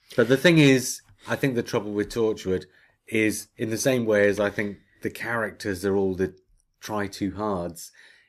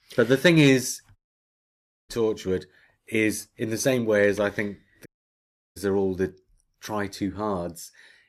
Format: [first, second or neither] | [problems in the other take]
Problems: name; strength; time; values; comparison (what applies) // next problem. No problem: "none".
first | audio cutting out; at 1 s for 1 s and at 5 s for 0.5 s